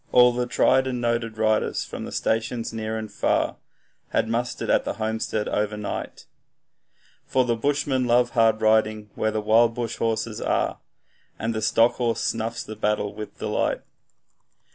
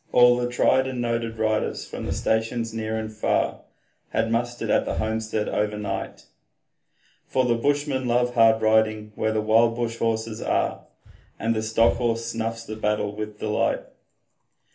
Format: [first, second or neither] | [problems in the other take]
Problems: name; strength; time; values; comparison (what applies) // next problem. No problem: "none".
first | background sound (Breathing); 13 dB below the speech // room echo; dies away in 0.3 s